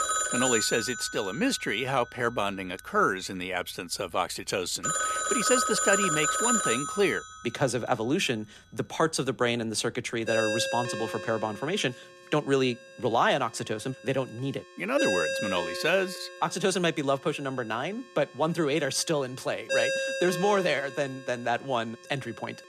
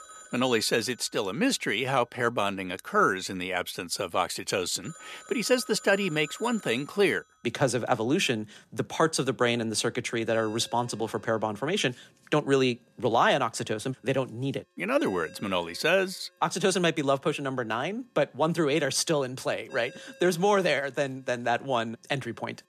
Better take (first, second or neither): second